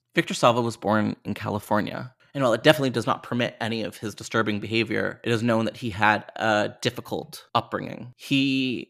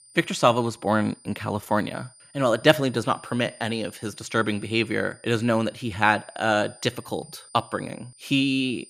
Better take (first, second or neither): first